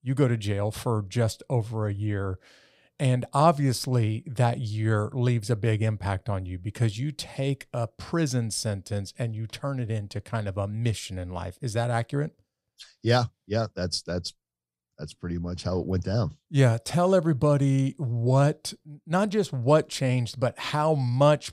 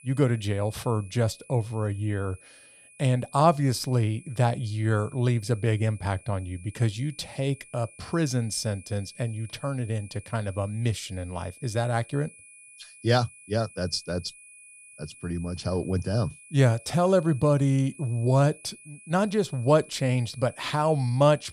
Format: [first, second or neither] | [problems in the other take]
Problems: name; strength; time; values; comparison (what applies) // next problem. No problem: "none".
first | high-pitched whine; faint; throughout; 2.5 kHz, 20 dB below the speech